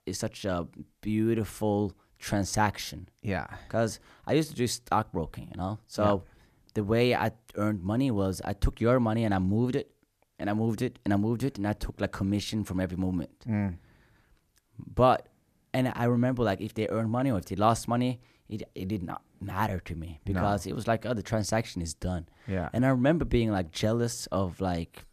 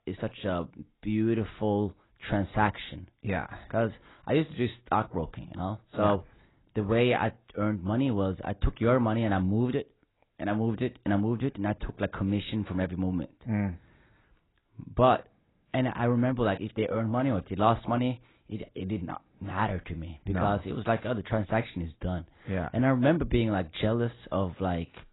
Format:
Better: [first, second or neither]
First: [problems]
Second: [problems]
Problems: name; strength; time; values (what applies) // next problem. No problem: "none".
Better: first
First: none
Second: garbled, watery; badly; nothing above 4 kHz